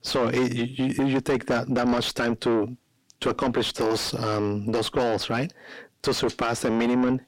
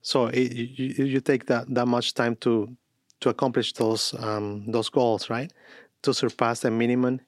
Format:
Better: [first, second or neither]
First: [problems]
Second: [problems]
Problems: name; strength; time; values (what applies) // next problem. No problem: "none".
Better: second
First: distortion; heavy; 5 dB below the speech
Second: none